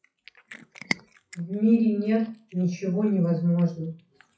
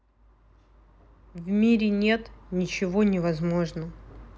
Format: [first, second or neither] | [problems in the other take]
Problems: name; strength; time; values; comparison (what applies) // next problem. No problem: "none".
second | noise reduction (classical method WPE with log-MMSE)